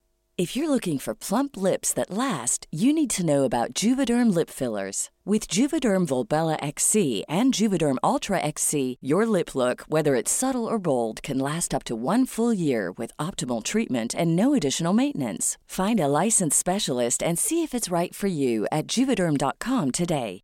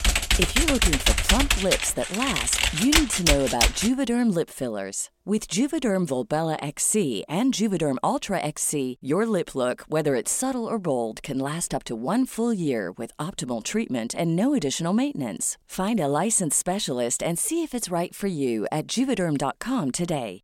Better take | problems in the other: first | keyboard typing; loud; until 4 s; peak 6 dB above the speech

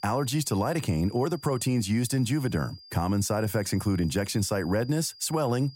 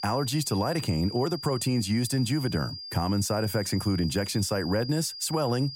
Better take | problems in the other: first | high-pitched whine; loud; throughout; 5 kHz, 10 dB below the speech; faint in the first

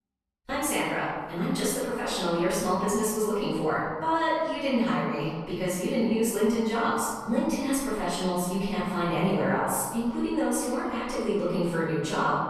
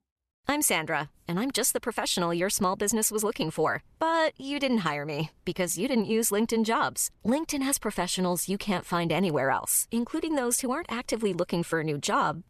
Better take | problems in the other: second | off-mic speech; far // room echo; strong; dies away in 1.5 s

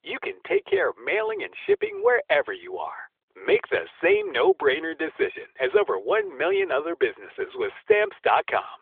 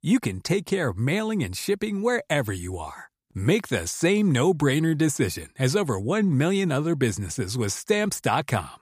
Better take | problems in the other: second | phone-call audio; nothing above 3.5 kHz

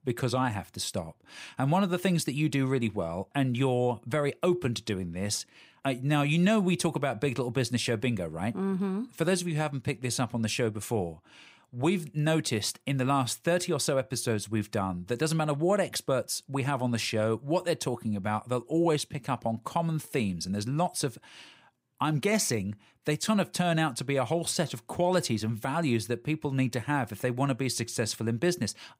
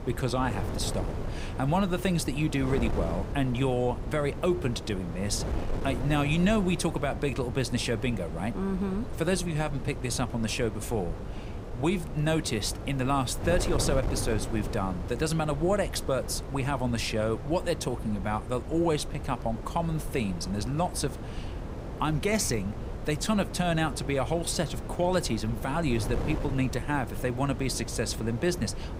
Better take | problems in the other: first | wind noise on the microphone; occasional gusts; 10 dB below the speech

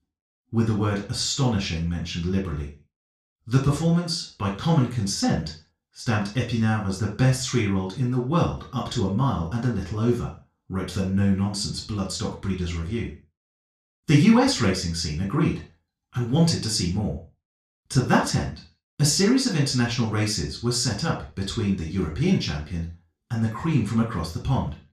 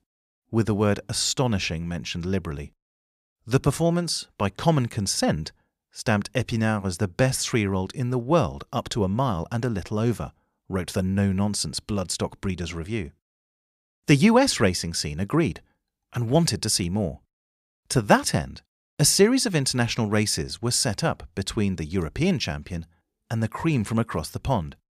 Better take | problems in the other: second | room echo; noticeable; dies away in 0.3 s // off-mic speech; far

